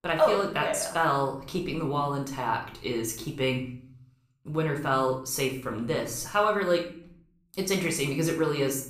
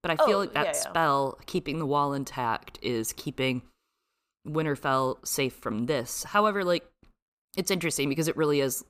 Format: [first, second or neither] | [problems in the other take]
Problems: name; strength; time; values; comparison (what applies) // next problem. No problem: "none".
second | room echo; slight; dies away in 0.5 s // off-mic speech; somewhat distant